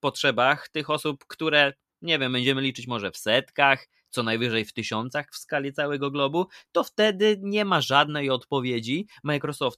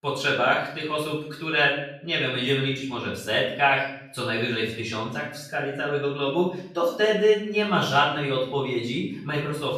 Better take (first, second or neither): first